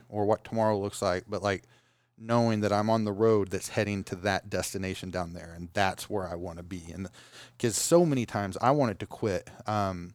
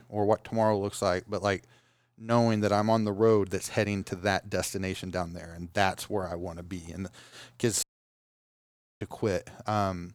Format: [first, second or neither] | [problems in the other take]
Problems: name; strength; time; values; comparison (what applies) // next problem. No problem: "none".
first | audio cutting out; at 8 s for 1 s